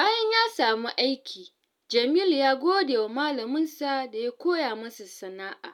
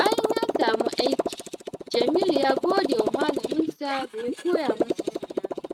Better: first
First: none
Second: noise reduction (neural mask model RNNoise)

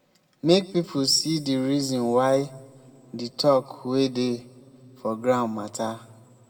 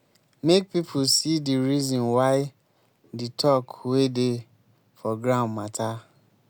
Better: second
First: room echo; dies away in 1.4 s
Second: none

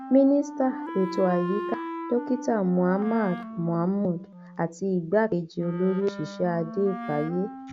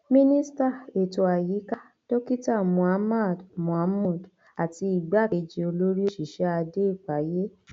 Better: second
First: background sound (Wind instrument, woodwind instrument); 11 dB below the speech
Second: none

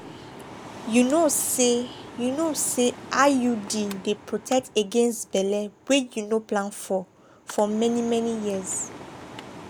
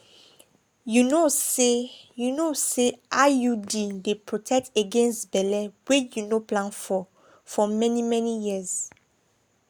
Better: second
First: background sound (Mechanical fan); 17 dB below the speech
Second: none

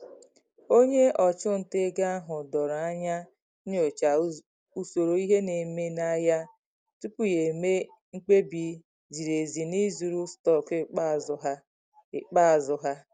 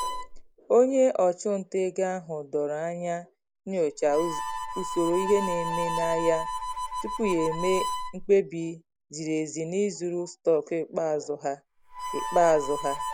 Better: first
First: none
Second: background sound (Harmonica); 8 dB below the speech

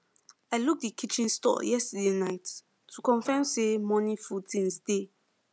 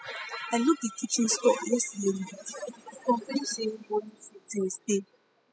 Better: first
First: none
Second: noise reduction (classical method spectral subtraction)

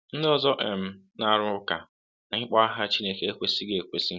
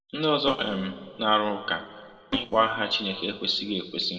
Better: first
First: none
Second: noise reduction (neural separator model SepFormer DNS4)

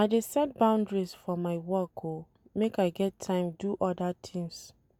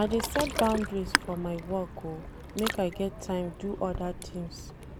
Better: first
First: none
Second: background sound (Ocean); 4 dB below the speech

